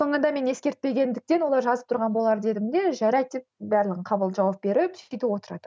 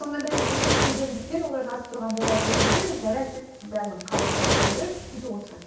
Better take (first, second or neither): first